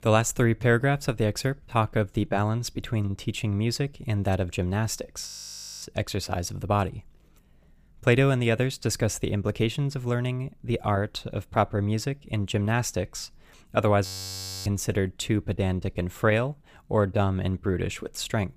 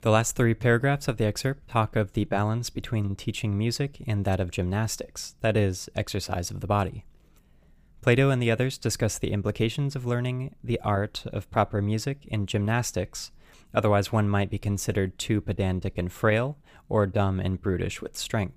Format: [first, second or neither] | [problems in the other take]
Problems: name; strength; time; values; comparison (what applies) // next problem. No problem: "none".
second | audio freezing; at 5.5 s for 0.5 s and at 14 s for 0.5 s